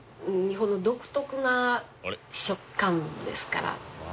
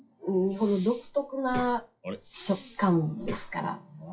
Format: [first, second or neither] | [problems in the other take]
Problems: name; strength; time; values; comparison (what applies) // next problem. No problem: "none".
first | noise reduction (classical method WPE with log-MMSE)